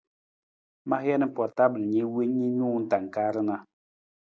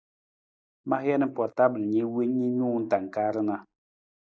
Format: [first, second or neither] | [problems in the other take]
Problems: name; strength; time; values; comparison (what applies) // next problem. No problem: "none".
first | noise reduction (neural mask model Resemble Enhance denoiser)